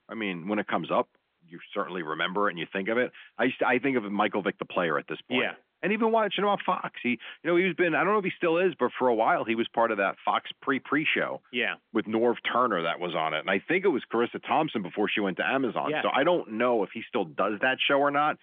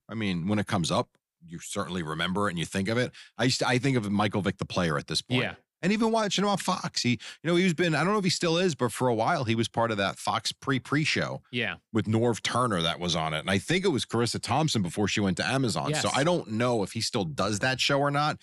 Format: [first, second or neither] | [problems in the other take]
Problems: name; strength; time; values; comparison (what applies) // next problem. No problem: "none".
second | phone-call audio; nothing above 3.5 kHz